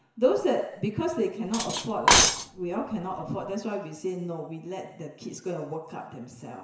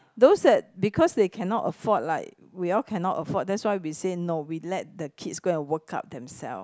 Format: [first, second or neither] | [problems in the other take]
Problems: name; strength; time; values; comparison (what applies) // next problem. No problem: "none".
second | background sound (Cutlery, silverware); 5 dB above the speech // room echo; dies away in 0.9 s